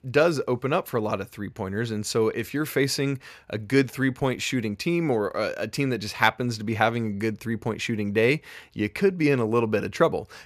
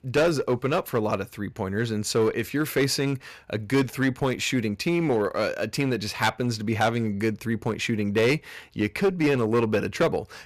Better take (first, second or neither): first